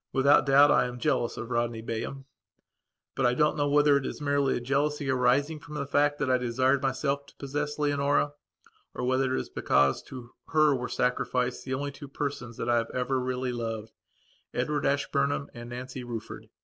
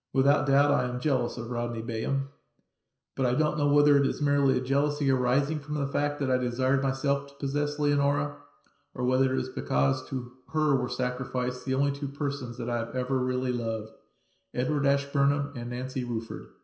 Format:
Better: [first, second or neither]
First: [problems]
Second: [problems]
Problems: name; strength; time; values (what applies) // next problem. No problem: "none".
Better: first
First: none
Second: room echo; dies away in 0.5 s